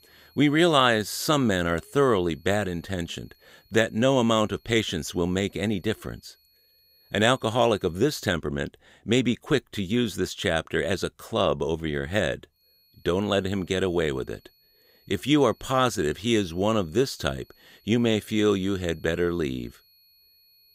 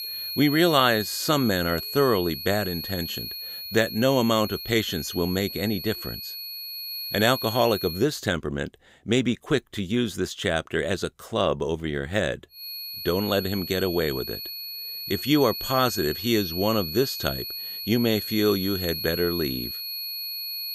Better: first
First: high-pitched whine; faint; until 8 s and from 13 s on; 4.5 kHz, 35 dB below the speech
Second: high-pitched whine; loud; until 8 s and from 13 s on; 4.5 kHz, 6 dB below the speech

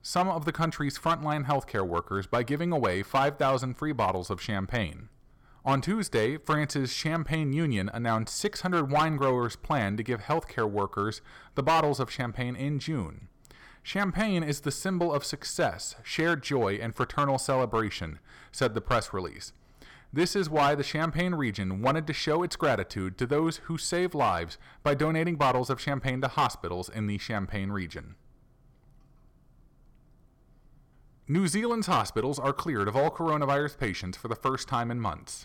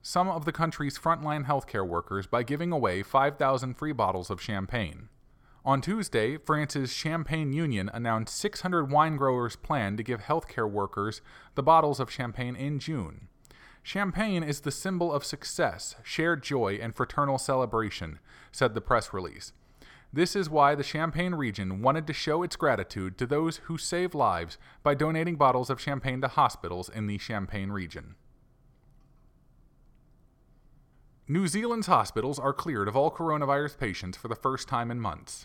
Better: second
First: distortion; slight; 3% of the sound clipped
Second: none

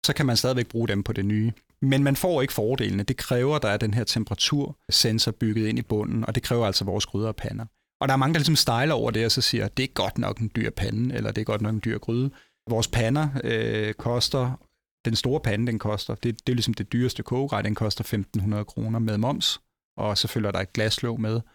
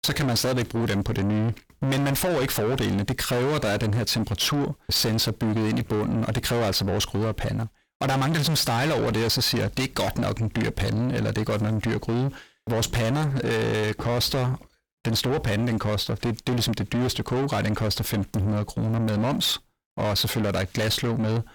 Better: first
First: none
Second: distortion; heavy; 7 dB below the speech

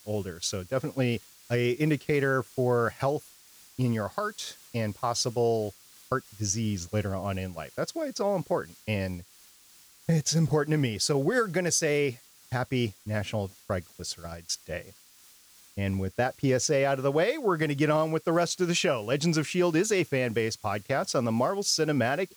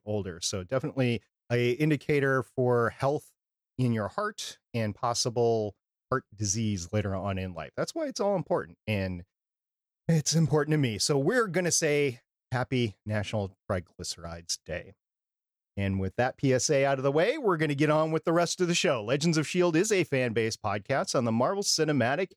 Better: second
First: hiss; faint; throughout; 25 dB below the speech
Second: none

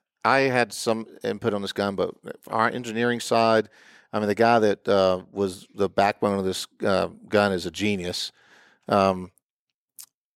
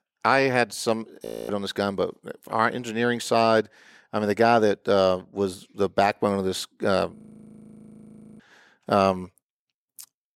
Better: first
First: none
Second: audio freezing; at 1.5 s and at 7 s for 1 s

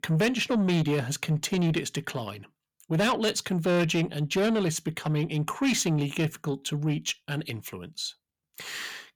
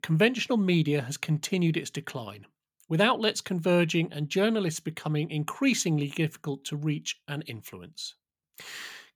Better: second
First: distortion; slight; 10 dB below the speech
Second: none

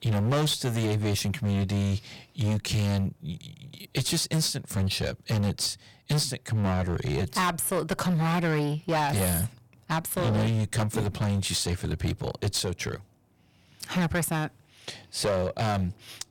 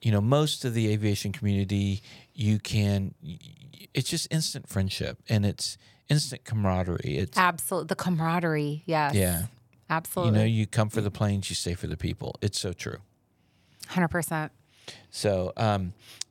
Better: second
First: distortion; heavy; 15% of the sound clipped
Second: none

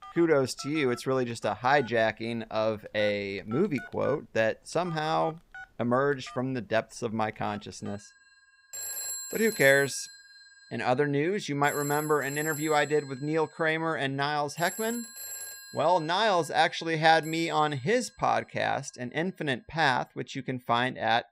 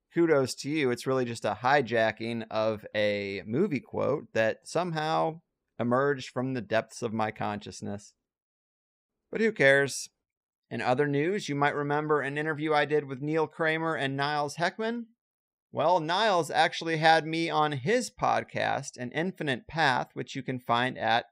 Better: second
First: alarms or sirens; noticeable; throughout; 15 dB below the speech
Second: none

